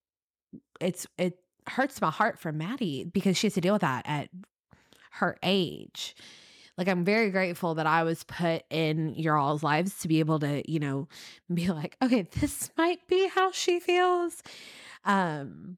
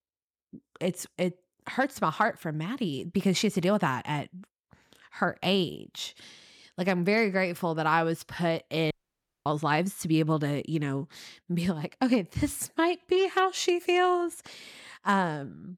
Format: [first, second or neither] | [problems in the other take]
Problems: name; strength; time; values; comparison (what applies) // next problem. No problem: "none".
first | audio cutting out; at 9 s for 0.5 s